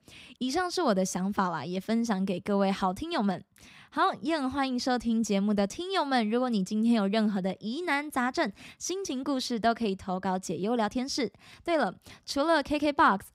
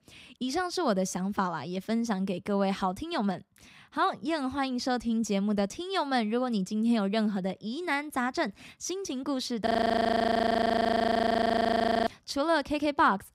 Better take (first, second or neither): first